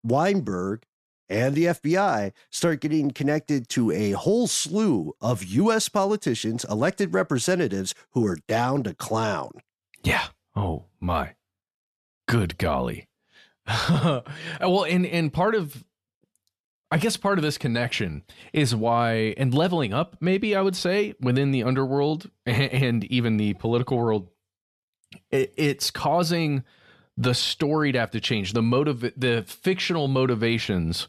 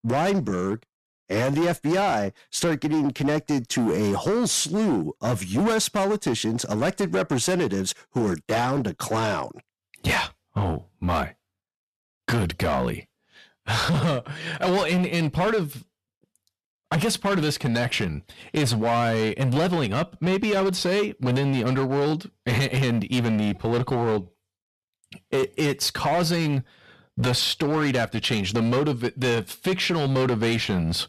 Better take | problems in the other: first | distortion; slight; 16% of the sound clipped

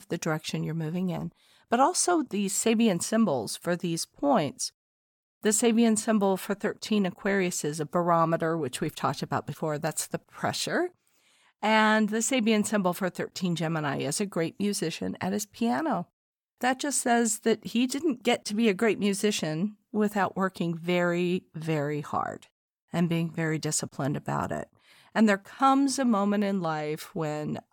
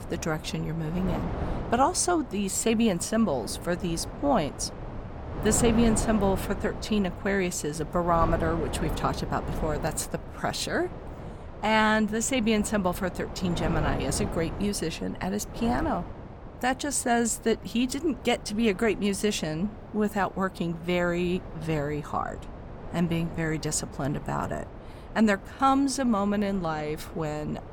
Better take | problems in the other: first | wind noise on the microphone; occasional gusts; 10 dB below the speech

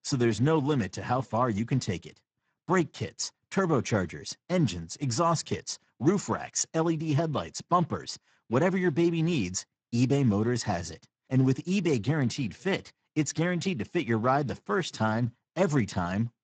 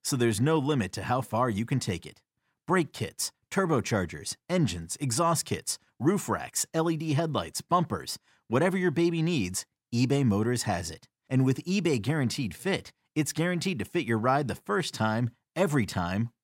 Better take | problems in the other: second | garbled, watery; badly; nothing above 7.5 kHz

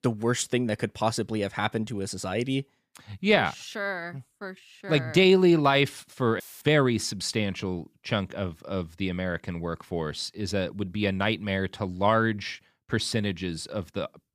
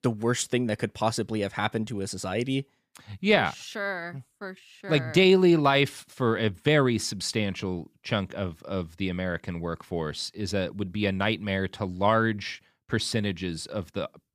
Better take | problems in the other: second | audio cutting out; filled with static; at 6.5 s

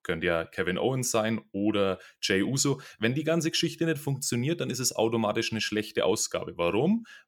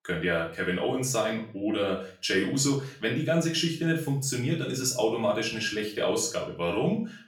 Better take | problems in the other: first | room echo; slight; dies away in 0.4 s // off-mic speech; far

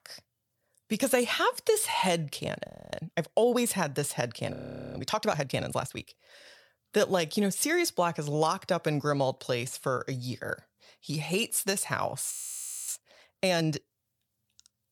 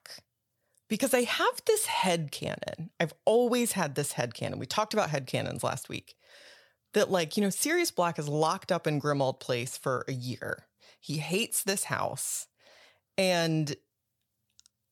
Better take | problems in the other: second | audio freezing; at 2.5 s, at 4.5 s and at 12 s for 0.5 s

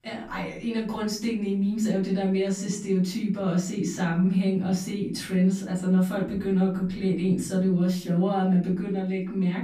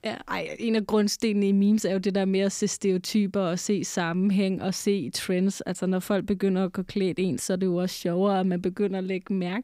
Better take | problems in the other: second | off-mic speech; far // room echo; slight; dies away in 0.5 s

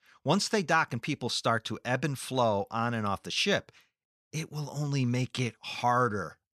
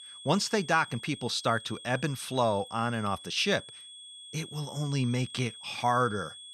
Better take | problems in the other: first | high-pitched whine; noticeable; throughout; 3.5 kHz, 15 dB below the speech

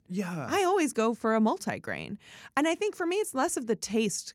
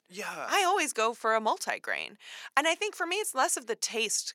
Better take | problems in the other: first | thin; very; fading below 650 Hz

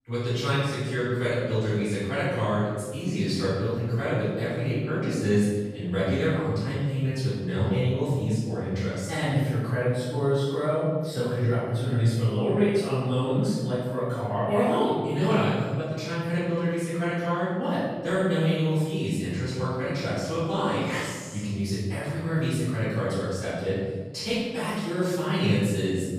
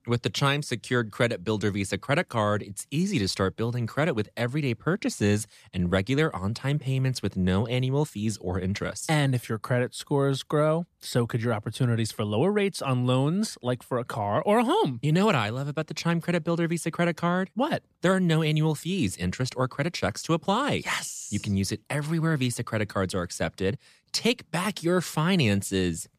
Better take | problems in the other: second | room echo; strong; dies away in 1.5 s // off-mic speech; far

